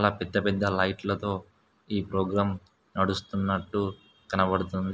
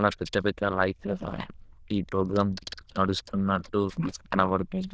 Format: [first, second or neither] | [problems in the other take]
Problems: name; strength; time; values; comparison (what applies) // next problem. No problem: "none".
first | noise reduction (neural diffusion model UNIVERSE++)